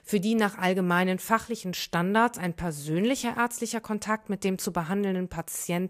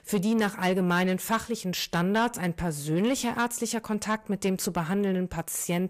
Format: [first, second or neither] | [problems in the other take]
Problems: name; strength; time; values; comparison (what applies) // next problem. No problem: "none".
first | distortion; slight; 10 dB below the speech